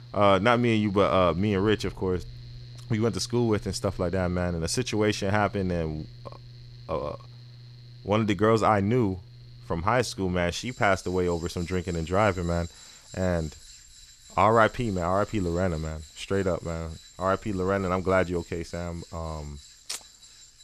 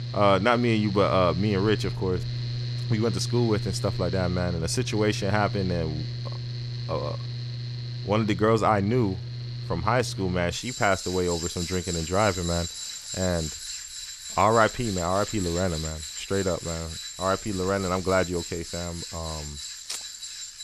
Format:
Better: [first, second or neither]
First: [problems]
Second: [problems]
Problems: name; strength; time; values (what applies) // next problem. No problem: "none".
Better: first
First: machinery noise; faint; throughout; 20 dB below the speech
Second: machinery noise; loud; throughout; 7 dB below the speech